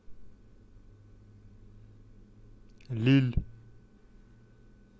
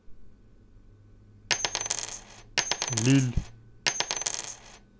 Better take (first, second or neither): first